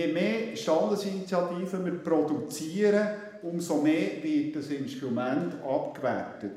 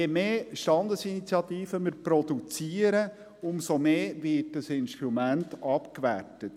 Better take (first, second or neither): second